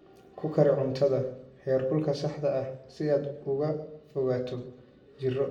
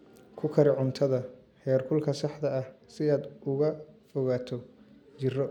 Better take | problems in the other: second | room echo; dies away in 0.6 s

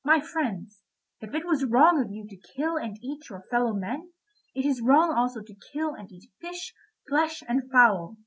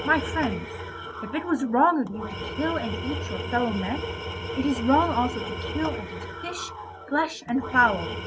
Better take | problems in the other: first | background sound (Tools); 6 dB below the speech

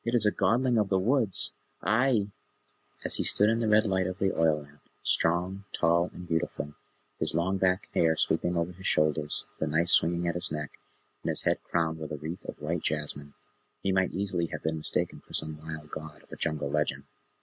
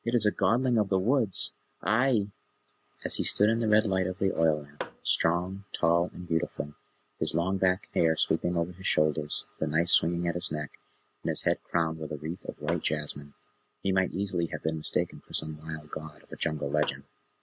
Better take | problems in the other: first | background sound (Tap / Hammer); 14 dB below the speech

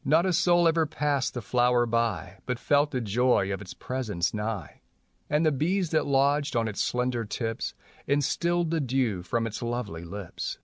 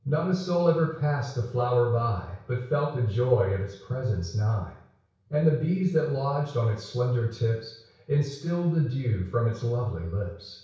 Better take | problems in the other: first | room echo; dies away in 0.6 s

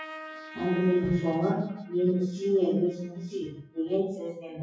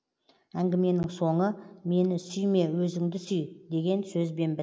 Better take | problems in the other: second | noise reduction (classical method WPE with log-MMSE)

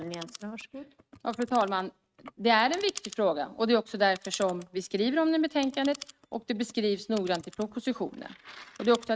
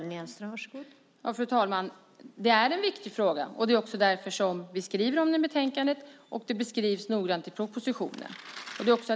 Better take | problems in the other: second | noise reduction (neural mask model RNNoise)

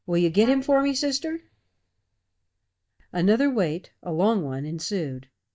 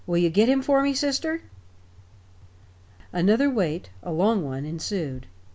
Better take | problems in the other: second | noise reduction (neural mask model DeepFilterNet 3)

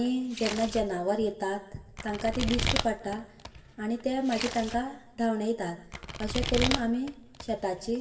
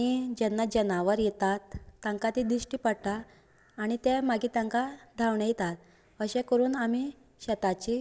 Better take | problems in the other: second | background sound (Domestic sounds, home sounds); 6 dB below the speech // room echo; dies away in 0.8 s

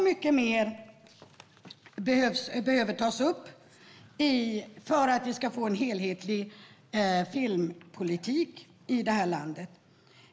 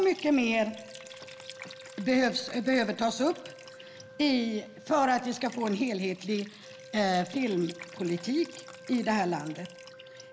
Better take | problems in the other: first | background sound (Liquid + Wind instrument, woodwind instrument); 18 dB below the speech

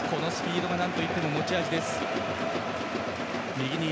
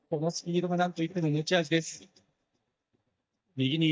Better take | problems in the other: first | noise reduction (neural mask model DeepFilterNet 3)

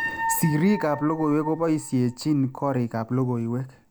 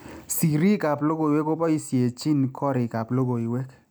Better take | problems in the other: second | background sound (Piano); 11 dB below the speech

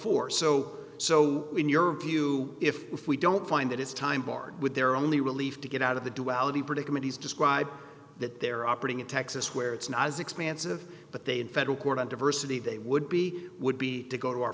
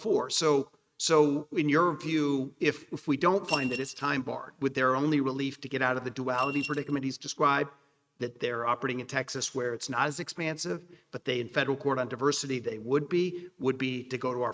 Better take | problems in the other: first | noise reduction (neural mask model RNNoise)

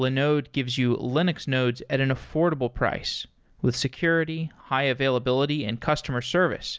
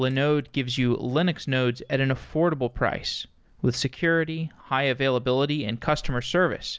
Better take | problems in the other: first | background sound (Alarm / Insect); 18 dB below the speech

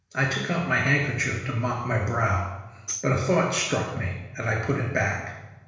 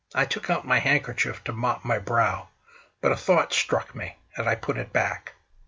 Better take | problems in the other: second | background sound (Tambourine); 14 dB below the speech // room echo; dies away in 1.1 s

